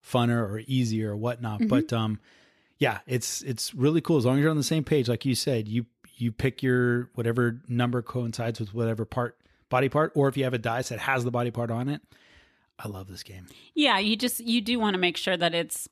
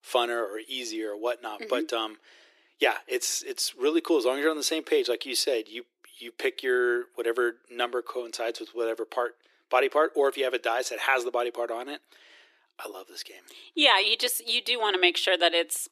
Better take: first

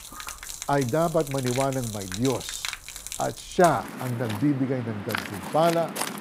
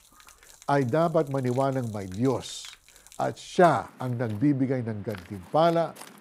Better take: second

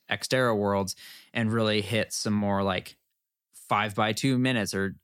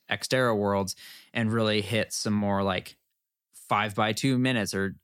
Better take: neither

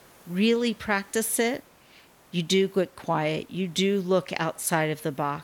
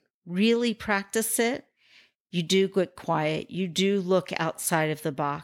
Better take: second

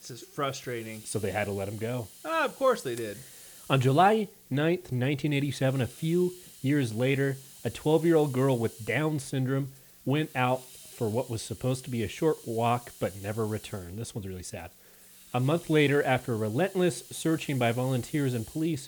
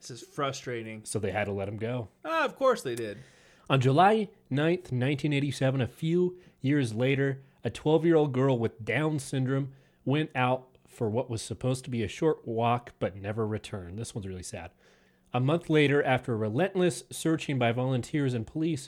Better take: second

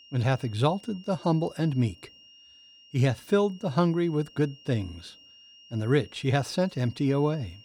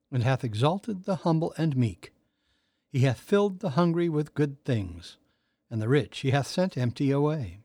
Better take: second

